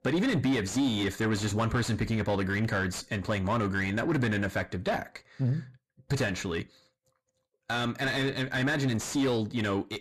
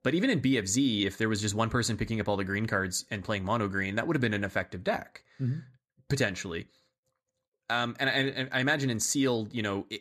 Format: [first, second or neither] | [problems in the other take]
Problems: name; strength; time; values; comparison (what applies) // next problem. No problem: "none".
second | distortion; heavy; 7 dB below the speech